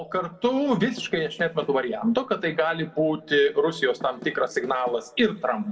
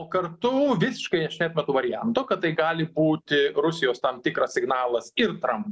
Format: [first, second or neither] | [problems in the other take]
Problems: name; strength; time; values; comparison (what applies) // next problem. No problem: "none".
second | background sound (Knock / Wood); 20 dB below the speech // room echo; dies away in 1.1 s